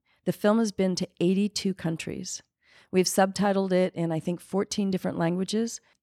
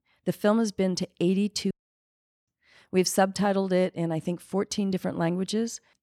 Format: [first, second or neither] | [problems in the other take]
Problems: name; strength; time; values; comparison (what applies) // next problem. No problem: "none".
first | audio cutting out; at 1.5 s for 1 s